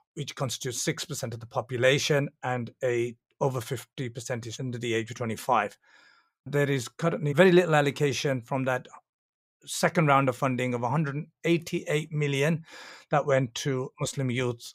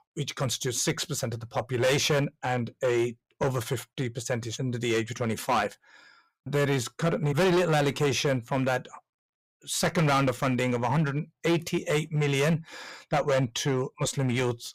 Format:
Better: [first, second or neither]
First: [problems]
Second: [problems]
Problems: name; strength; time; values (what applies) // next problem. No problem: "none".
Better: first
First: none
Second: distortion; heavy; 9% of the sound clipped